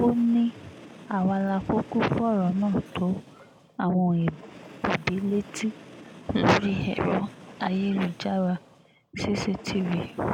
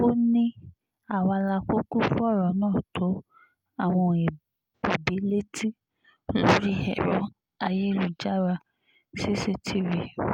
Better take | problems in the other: second | background sound (Train); 20 dB below the speech

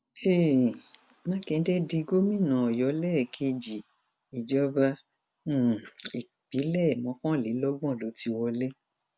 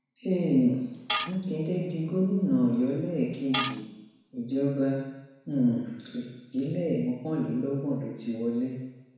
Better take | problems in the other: first | background sound (Tools); 6 dB below the speech // room echo; dies away in 1.1 s

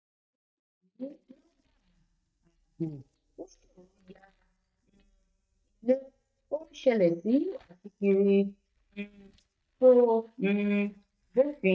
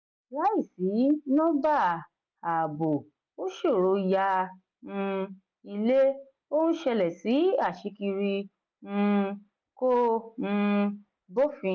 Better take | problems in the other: second | noise reduction (neural mask model DeepFilterNet 3)

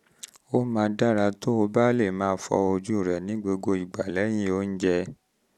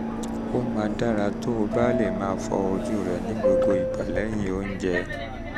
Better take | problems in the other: first | background sound (Subway, metro, underground); as loud as the speech

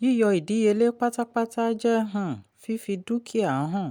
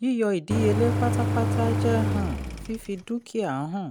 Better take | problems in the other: first | background sound (Engine); 1 dB above the speech

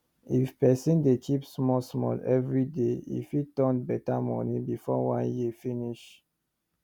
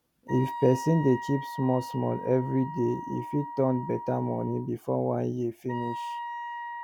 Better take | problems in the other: first | background sound (Wind instrument, woodwind instrument); 10 dB below the speech

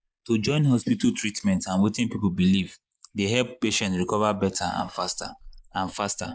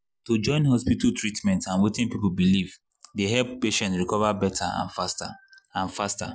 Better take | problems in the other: second | noise reduction (neural mask model Resemble Enhance denoiser)

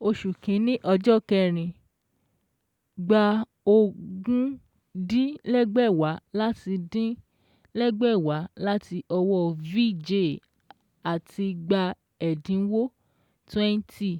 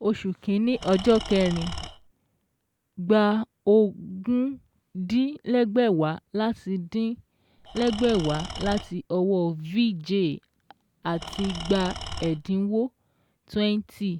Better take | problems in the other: first | background sound (Engine / Tools); 11 dB below the speech

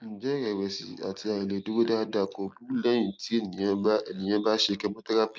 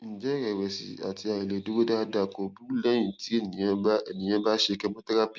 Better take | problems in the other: second | noise reduction (neural mask model Resemble Enhance denoiser)

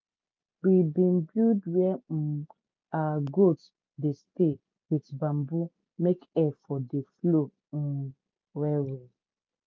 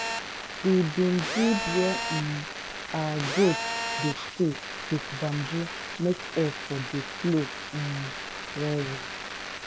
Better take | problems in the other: first | background sound (Telephone); 5 dB below the speech

